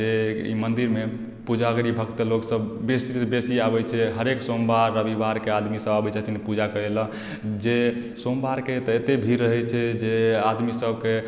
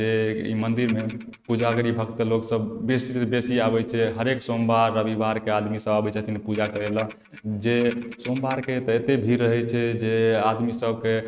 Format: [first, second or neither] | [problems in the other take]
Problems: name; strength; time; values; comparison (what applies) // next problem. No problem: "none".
first | noise reduction (neural mask model RNNoise)